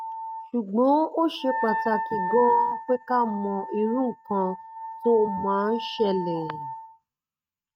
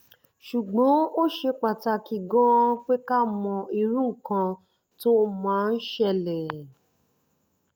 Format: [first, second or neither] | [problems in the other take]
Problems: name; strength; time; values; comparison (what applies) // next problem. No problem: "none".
second | noise reduction (neural mask model RNNoise)